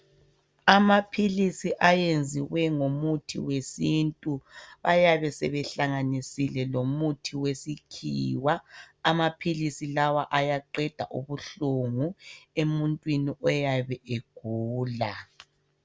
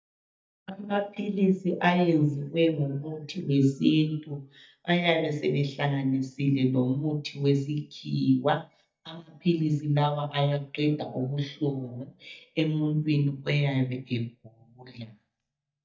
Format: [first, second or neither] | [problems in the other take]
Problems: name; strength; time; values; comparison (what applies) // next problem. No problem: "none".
first | noise reduction (neural mask model DeepFilterNet 3)